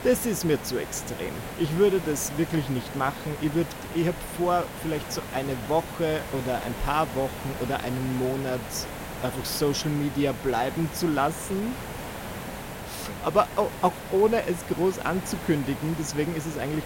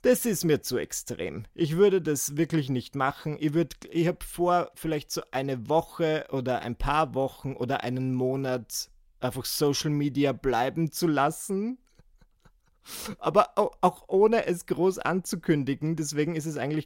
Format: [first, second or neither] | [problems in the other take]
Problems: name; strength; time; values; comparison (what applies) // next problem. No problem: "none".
second | hiss; loud; throughout; 9 dB below the speech